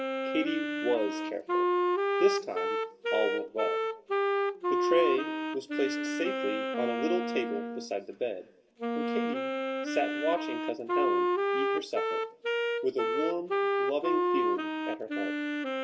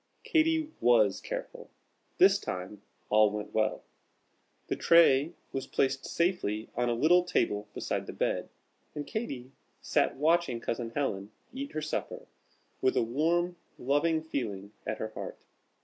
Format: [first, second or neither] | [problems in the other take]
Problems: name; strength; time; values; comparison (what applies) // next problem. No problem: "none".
second | background sound (Wind instrument, woodwind instrument); 4 dB above the speech // room echo; dies away in 1.8 s